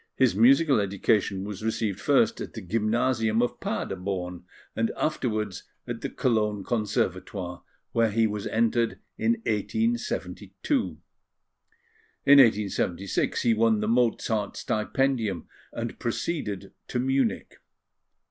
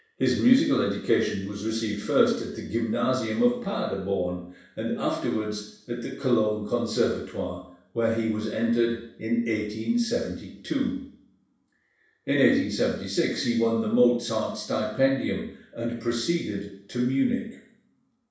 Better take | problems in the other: first | room echo; dies away in 0.7 s

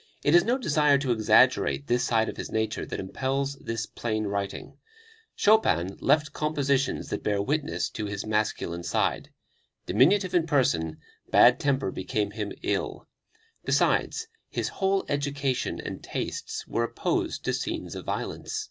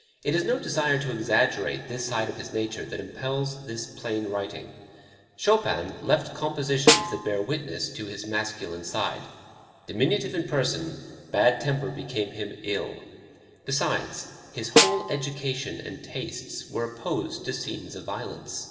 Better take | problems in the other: first | background sound (Snare drum); 4 dB above the speech // room echo; dies away in 2.1 s

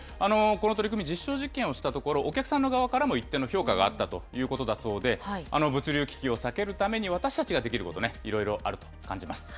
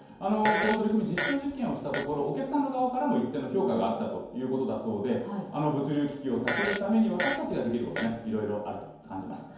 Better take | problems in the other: first | background sound (Fart); 6 dB below the speech // room echo; dies away in 0.9 s

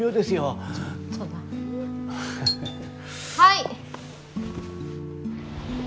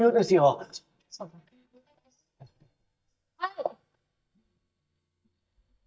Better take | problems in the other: first | noise reduction (neural mask model DeepFilterNet 3)

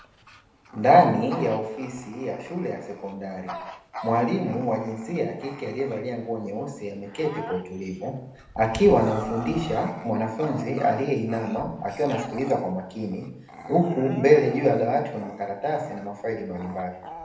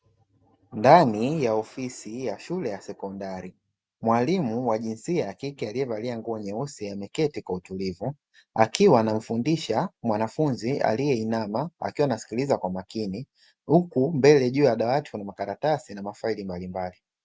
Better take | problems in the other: second | background sound (Bark / Growling); 16 dB below the speech // room echo; dies away in 0.7 s

